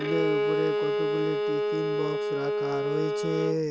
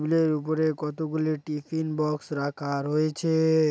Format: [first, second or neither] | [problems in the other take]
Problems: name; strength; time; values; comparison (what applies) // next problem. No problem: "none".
second | background sound (Bowed string instrument); 4 dB above the speech